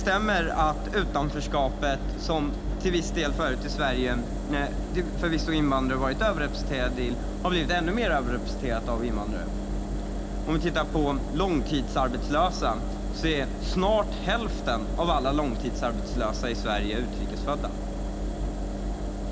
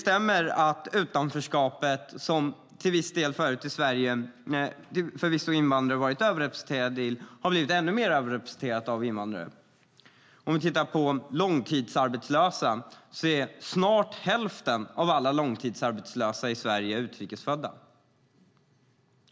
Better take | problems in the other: second | background sound (Engine); 1 dB below the speech

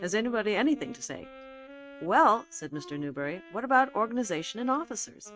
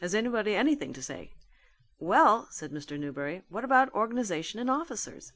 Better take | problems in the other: second | noise reduction (neural mask model RNNoise)

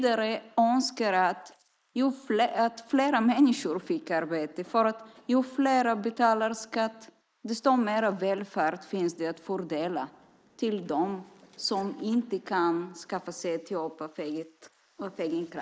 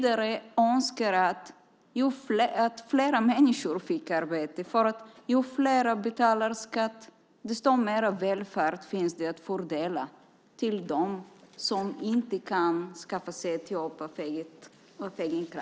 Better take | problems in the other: second | noise reduction (neural mask model Resemble Enhance denoiser)

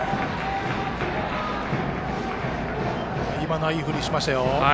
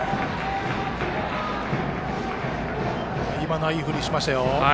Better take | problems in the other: second | background sound (Wind); 19 dB below the speech

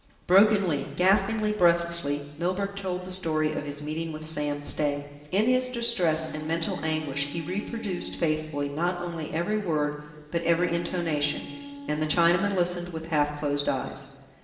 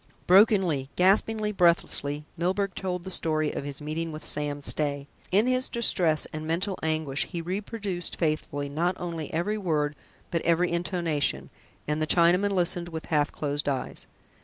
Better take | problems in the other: second | background sound (Wind instrument, woodwind instrument); 14 dB below the speech // room echo; dies away in 1.3 s

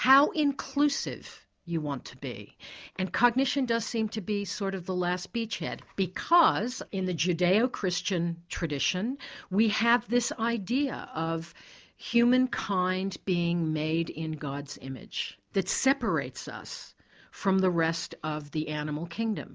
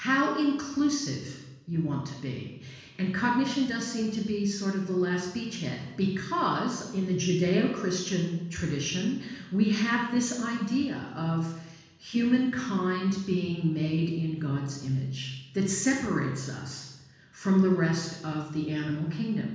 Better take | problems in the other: first | room echo; dies away in 1.1 s

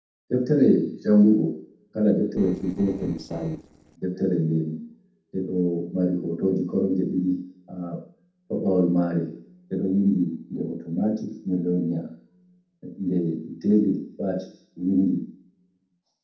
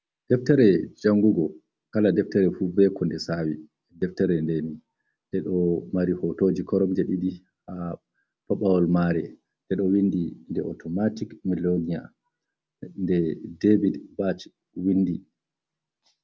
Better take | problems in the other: second | noise reduction (neural separator model SepFormer DNS4)

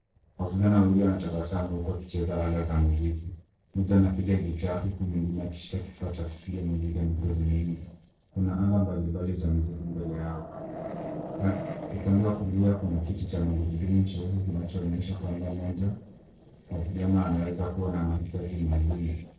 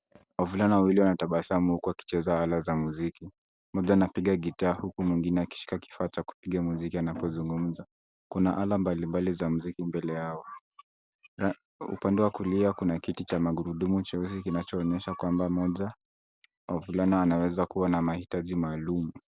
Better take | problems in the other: second | noise reduction (neural separator model SepFormer DNS4)

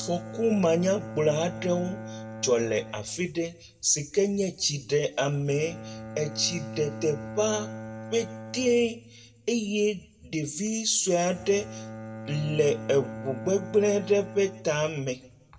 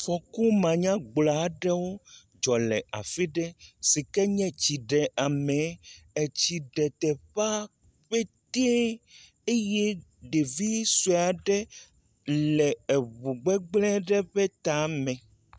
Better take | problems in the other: second | background sound (Bowed string instrument); 13 dB below the speech // room echo; dies away in 0.4 s

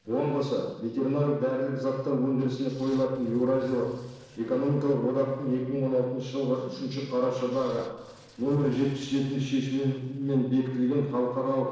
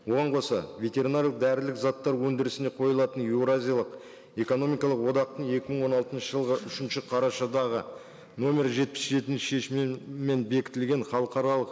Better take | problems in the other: second | noise reduction (neural separator model SepFormer DNS4)

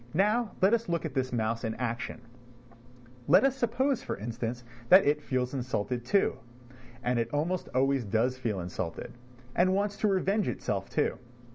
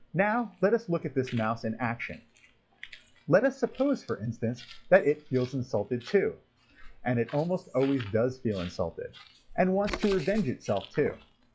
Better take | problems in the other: first | noise reduction (classical method log-MMSE)

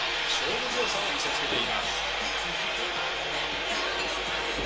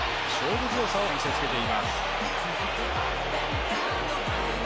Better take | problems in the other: second | background sound (Chink, clink); 16 dB below the speech // room echo; dies away in 0.2 s

